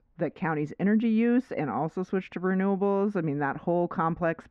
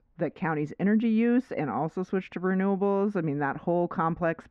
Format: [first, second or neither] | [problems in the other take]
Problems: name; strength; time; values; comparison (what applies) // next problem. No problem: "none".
neither | muffled; very; fading above 1.5 kHz; the same in both